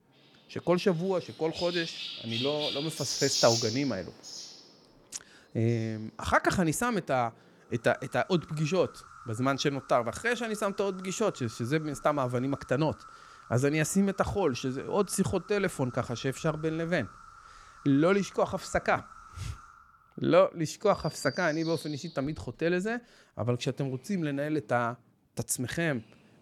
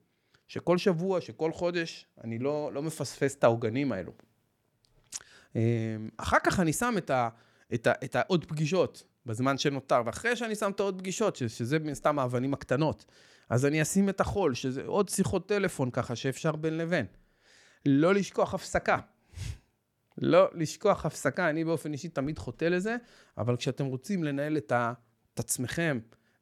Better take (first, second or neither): second